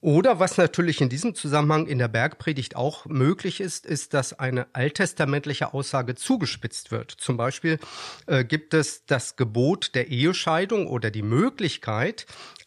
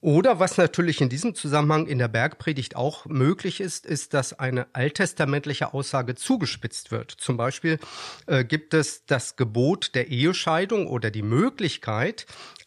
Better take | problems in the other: neither | none

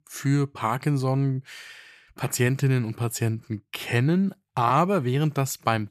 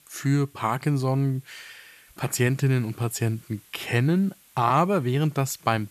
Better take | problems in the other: first | hiss; faint; throughout; 30 dB below the speech

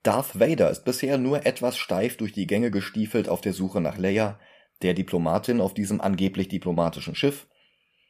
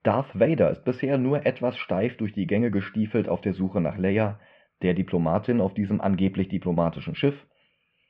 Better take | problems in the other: first | muffled; very; fading above 3 kHz

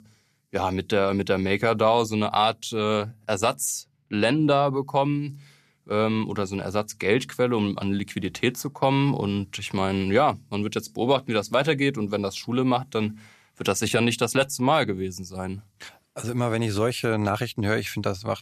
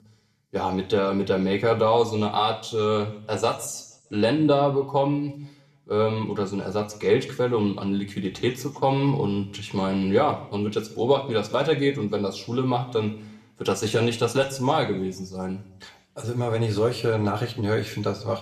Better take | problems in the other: first | room echo; very slight; dies away in 0.7 s

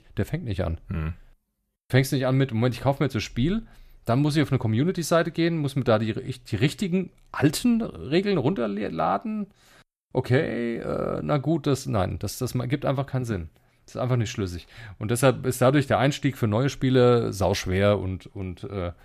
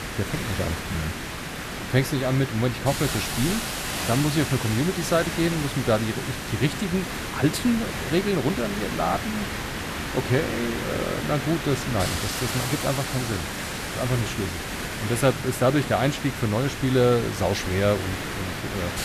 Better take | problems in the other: first | hiss; loud; throughout; 4 dB below the speech

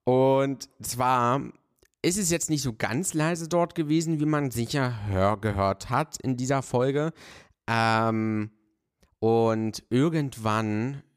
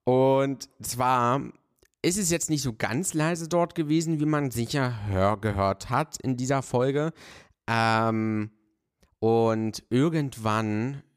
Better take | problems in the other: neither | none

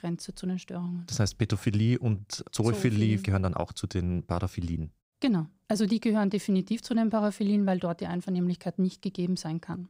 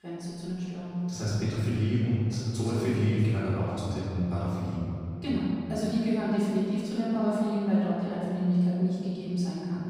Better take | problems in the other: first | off-mic speech; far // room echo; strong; dies away in 2.6 s

